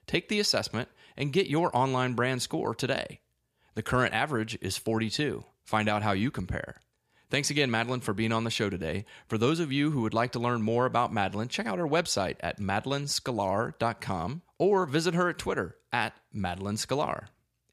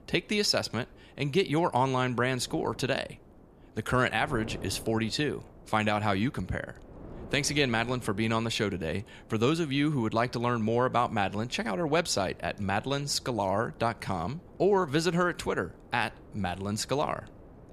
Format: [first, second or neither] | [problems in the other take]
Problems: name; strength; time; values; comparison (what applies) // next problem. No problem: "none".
first | wind noise on the microphone; occasional gusts; 25 dB below the speech